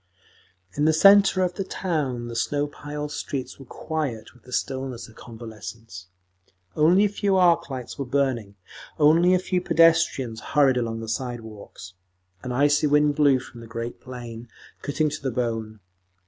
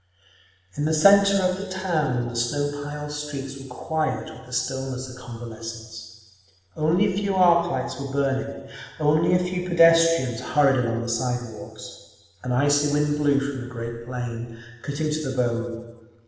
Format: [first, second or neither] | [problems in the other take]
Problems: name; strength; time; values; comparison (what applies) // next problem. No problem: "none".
first | room echo; dies away in 1.2 s